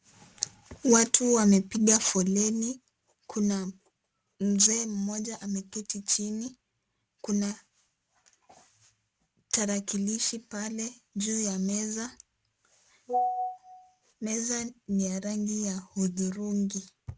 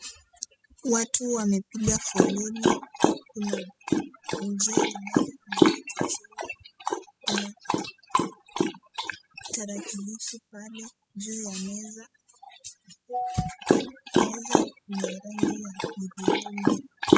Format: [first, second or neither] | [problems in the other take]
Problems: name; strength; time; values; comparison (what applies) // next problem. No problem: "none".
first | noise reduction (classical method spectral subtraction)